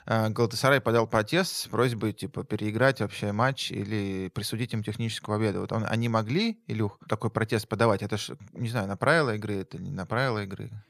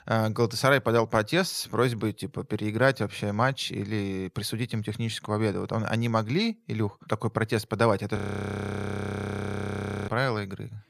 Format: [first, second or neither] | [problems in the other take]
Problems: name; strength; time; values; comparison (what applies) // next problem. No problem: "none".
first | audio freezing; at 8 s for 2 s